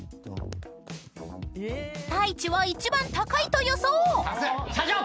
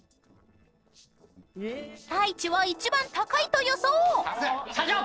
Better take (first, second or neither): first